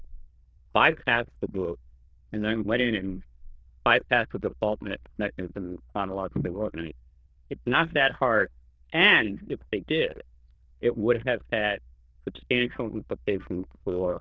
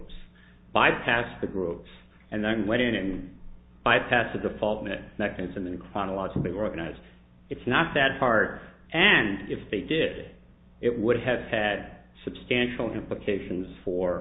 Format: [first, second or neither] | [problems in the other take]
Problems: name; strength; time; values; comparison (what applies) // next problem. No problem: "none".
second | noise reduction (neural diffusion model UNIVERSE++)